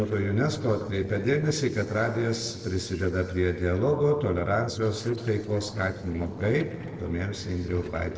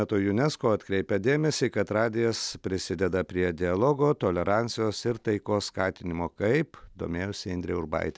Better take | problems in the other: second | noise reduction (neural separator model SepFormer DNS4)

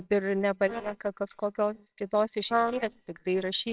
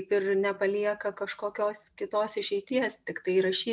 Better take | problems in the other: second | noise reduction (neural separator model SepFormer WHAMR!)

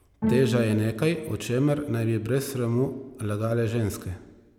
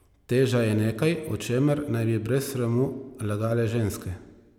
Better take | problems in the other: second | background sound (Bowed string instrument); 8 dB below the speech

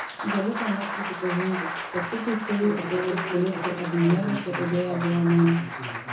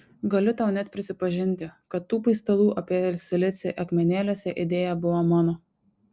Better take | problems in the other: second | background sound (Applause); 6 dB below the speech // room echo; dies away in 0.6 s

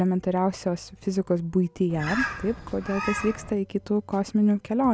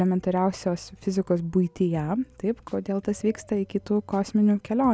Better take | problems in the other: second | background sound (Bird); 7 dB below the speech

